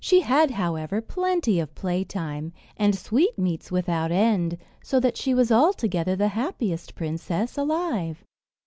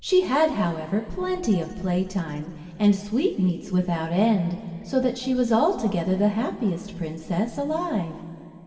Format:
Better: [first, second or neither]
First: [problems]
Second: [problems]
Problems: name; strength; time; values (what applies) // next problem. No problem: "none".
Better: first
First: none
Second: room echo; dies away in 2.3 s